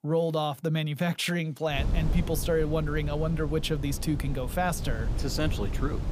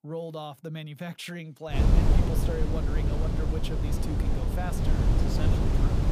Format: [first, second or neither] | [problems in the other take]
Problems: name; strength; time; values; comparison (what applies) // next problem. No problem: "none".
first | wind noise on the microphone; heavy; from 1.5 s on; 3 dB above the speech; occasional gusts in the first